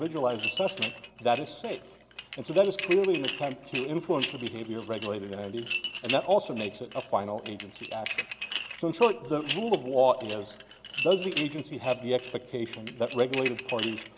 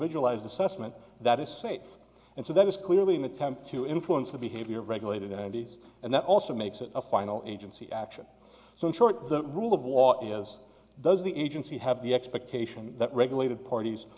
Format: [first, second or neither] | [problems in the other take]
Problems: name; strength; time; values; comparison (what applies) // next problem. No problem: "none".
second | background sound (Dishes, pots, and pans); 8 dB below the speech